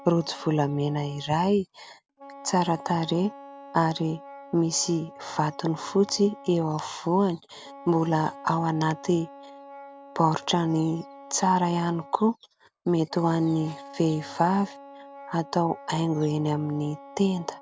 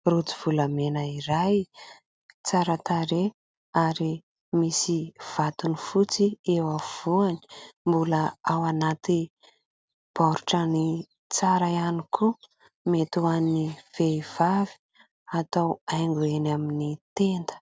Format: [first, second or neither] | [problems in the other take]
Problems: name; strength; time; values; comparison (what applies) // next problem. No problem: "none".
second | background sound (Wind instrument, woodwind instrument); 19 dB below the speech